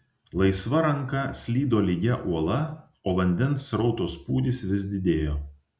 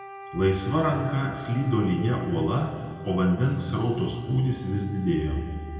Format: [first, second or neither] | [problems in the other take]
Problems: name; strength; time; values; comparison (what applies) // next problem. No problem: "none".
first | background sound (Wind instrument, woodwind instrument); 17 dB below the speech // room echo; dies away in 2.1 s